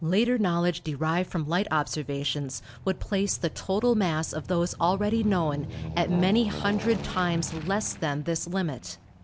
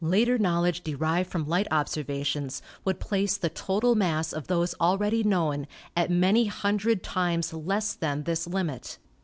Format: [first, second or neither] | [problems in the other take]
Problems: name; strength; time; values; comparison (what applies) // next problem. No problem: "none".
second | background sound (Aircraft); 13 dB below the speech